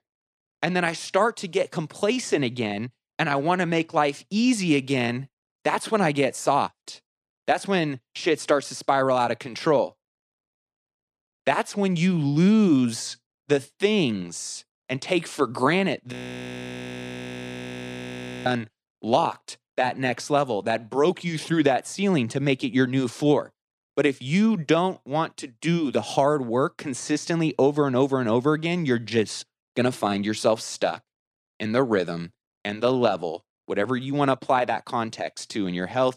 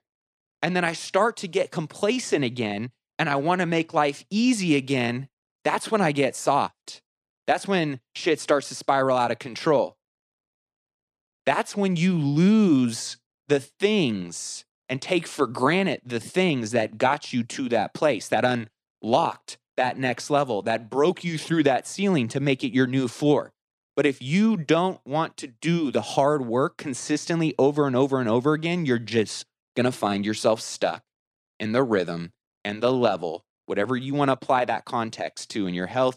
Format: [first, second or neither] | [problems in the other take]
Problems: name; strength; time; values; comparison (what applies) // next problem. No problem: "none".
second | audio freezing; at 16 s for 2.5 s